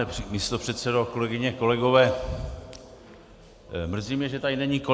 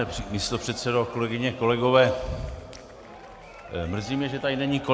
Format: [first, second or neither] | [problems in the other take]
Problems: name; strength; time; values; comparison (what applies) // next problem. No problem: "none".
first | background sound (Applause / Crowd / Cheering); 17 dB below the speech